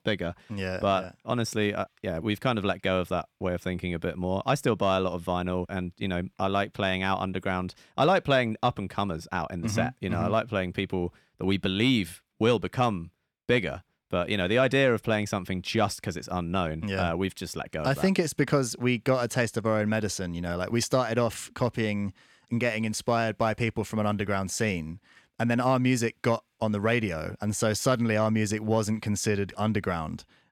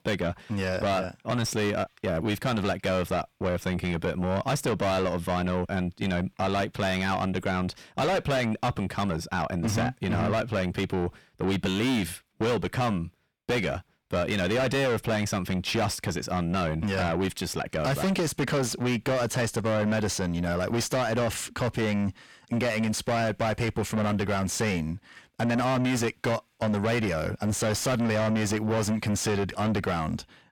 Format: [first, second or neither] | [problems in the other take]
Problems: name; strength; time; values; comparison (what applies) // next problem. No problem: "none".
first | distortion; heavy; 6 dB below the speech